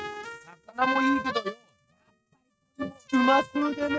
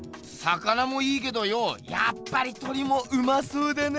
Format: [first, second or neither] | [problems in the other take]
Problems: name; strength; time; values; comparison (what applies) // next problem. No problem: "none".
second | noise reduction (neural mask model RNNoise)